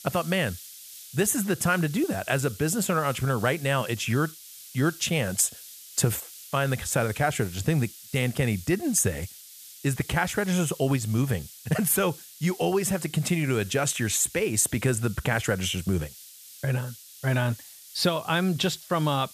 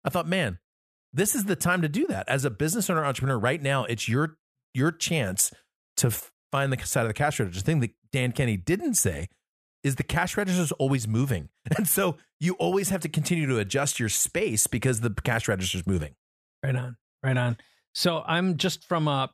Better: second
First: hiss; noticeable; throughout; 15 dB below the speech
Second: none

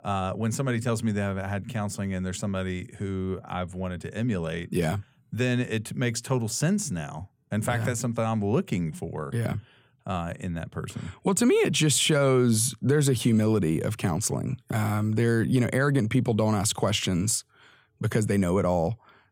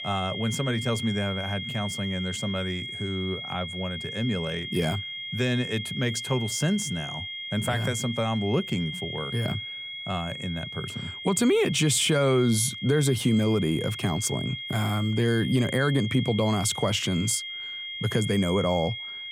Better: first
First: none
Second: high-pitched whine; loud; throughout; 3.5 kHz, 7 dB below the speech

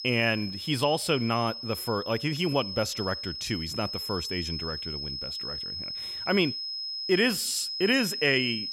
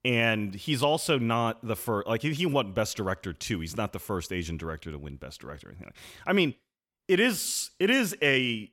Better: second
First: high-pitched whine; loud; throughout; 5 kHz, 5 dB below the speech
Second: none

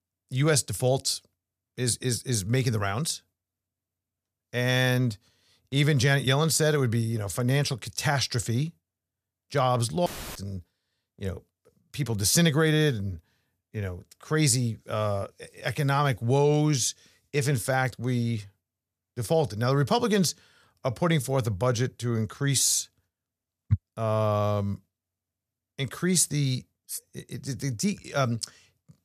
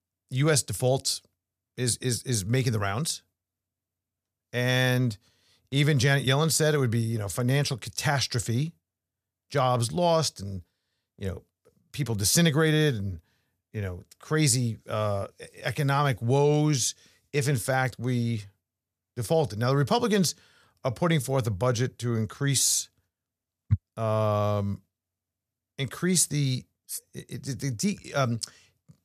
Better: second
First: audio cutting out; filled with static; at 10 s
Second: none

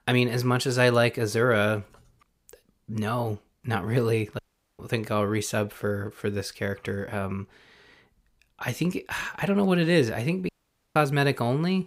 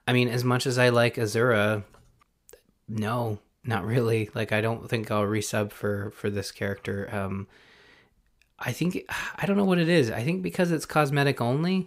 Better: second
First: audio cutting out; at 4.5 s and at 10 s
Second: none

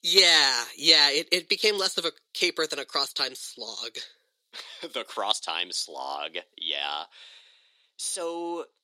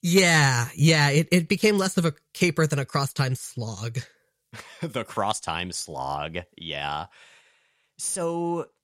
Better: second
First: thin; very; fading below 300 Hz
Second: none

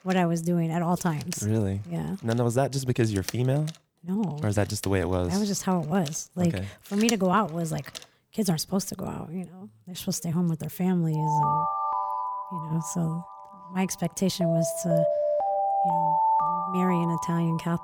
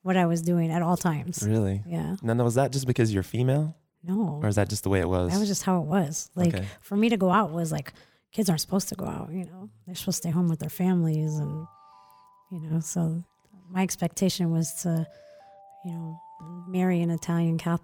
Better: second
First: alarms or sirens; loud; throughout; 1 dB below the speech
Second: alarms or sirens; faint; throughout; 30 dB below the speech

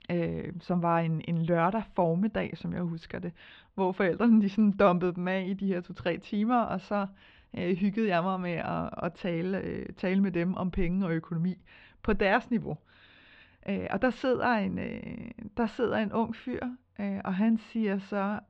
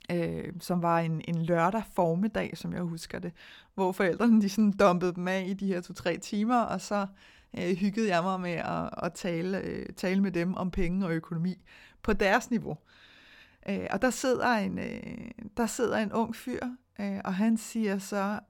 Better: second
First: muffled; slightly; fading above 3.5 kHz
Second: none

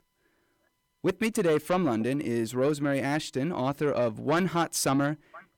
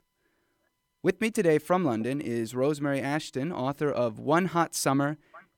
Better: second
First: distortion; slight; 10 dB below the speech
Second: none

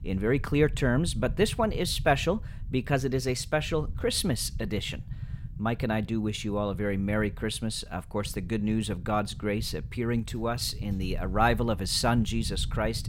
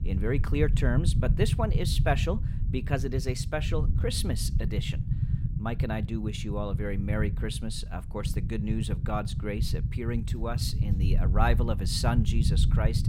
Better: first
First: low rumble; faint; throughout; 25 dB below the speech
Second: low rumble; loud; throughout; 9 dB below the speech

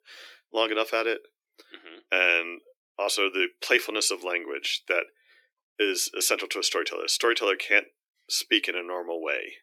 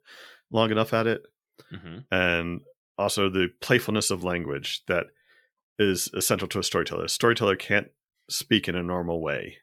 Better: second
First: thin; somewhat; fading below 300 Hz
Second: none

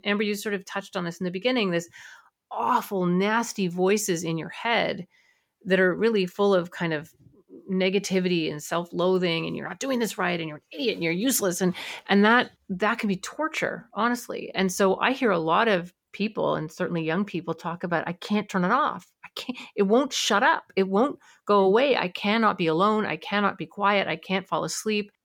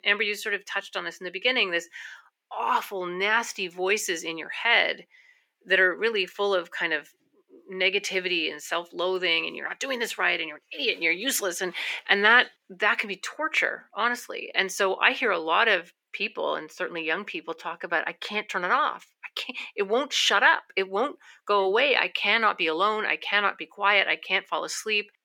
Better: first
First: none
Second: thin; somewhat; fading below 300 Hz

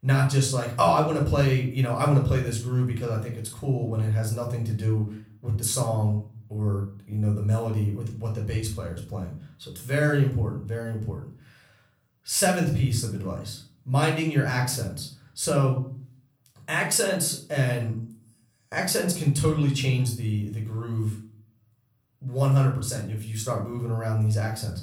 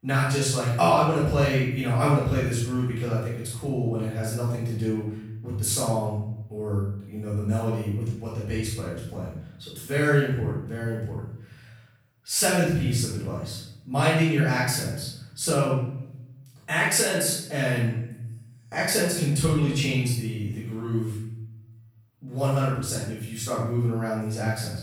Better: first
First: room echo; slight; dies away in 0.4 s // off-mic speech; somewhat distant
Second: room echo; strong; dies away in 0.7 s // off-mic speech; far

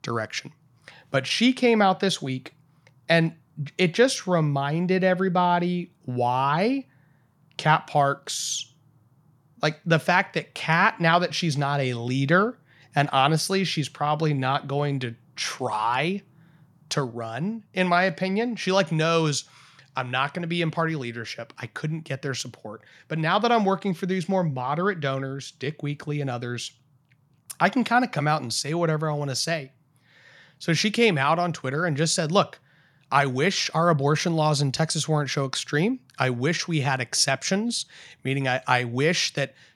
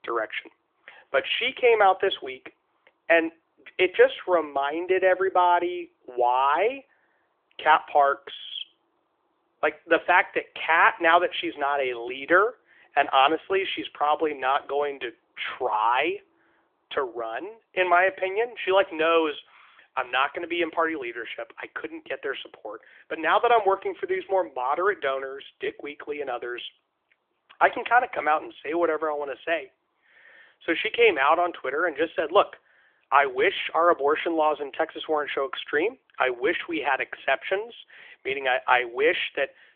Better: first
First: none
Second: phone-call audio; nothing above 3.5 kHz

